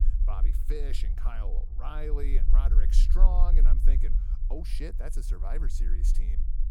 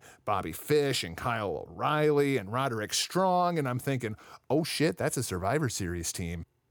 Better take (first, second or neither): second